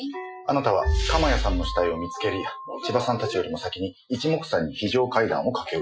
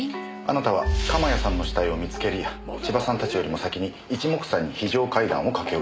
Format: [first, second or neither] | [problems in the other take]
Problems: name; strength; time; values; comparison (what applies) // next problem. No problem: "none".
second | noise reduction (classical method Wiener filter)